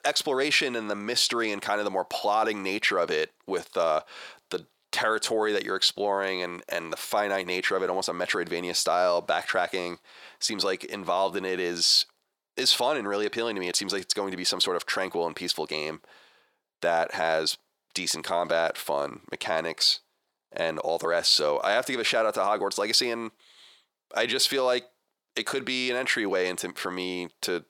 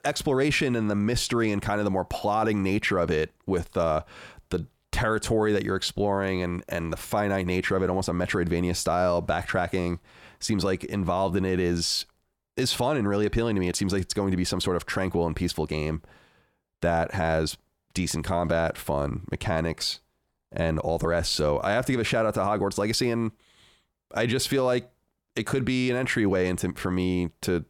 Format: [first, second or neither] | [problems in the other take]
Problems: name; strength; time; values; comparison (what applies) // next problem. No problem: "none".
second | thin; somewhat; fading below 450 Hz